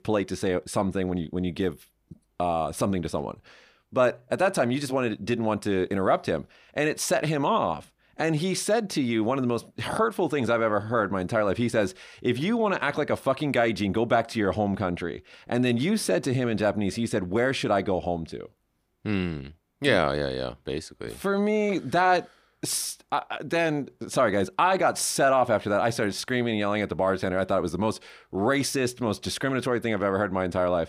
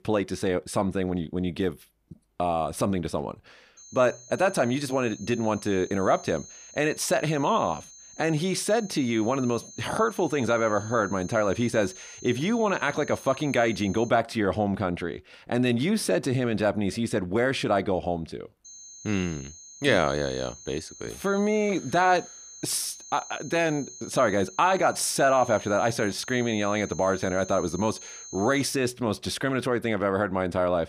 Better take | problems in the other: first | high-pitched whine; noticeable; from 4 to 14 s and from 19 to 29 s; 6.5 kHz, 15 dB below the speech

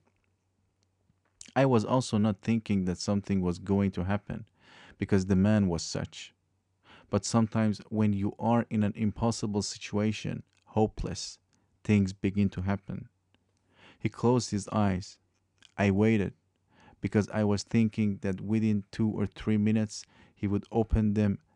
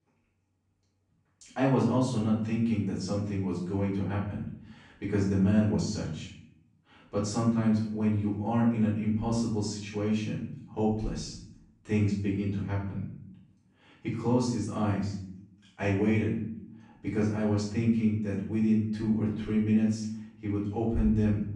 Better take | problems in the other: first | off-mic speech; far // room echo; noticeable; dies away in 0.6 s

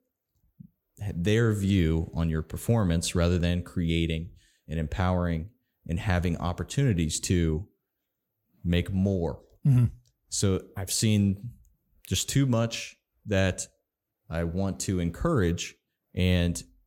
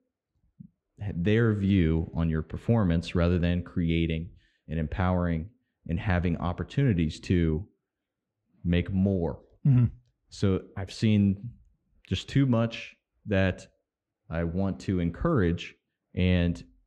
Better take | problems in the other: first | muffled; slightly; fading above 2.5 kHz

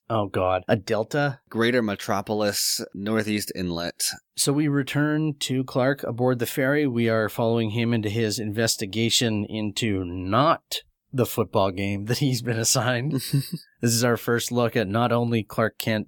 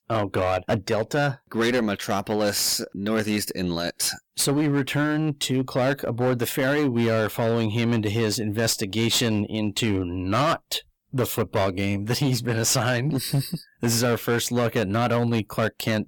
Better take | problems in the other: first | distortion; slight; 15% of the sound clipped

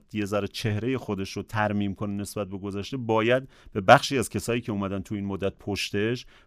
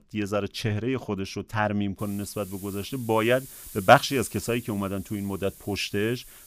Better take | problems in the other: first | hiss; noticeable; from 2 s on; 15 dB below the speech

